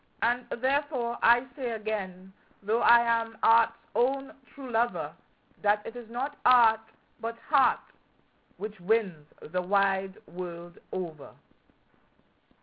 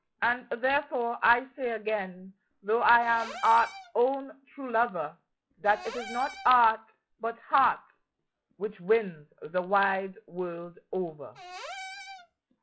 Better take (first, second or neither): first